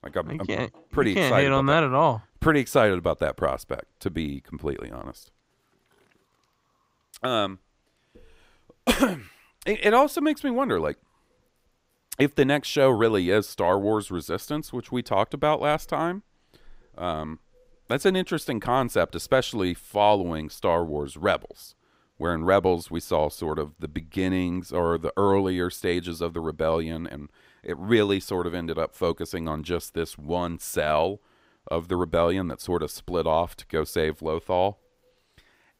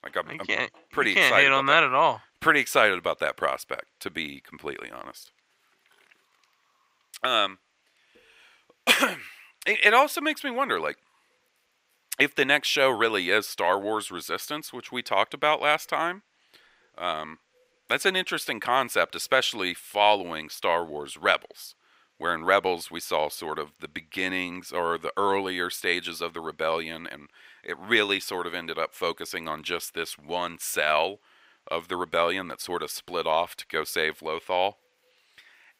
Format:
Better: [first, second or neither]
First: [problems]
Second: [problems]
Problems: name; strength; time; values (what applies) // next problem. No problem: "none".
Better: first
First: none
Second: thin; somewhat; fading below 1 kHz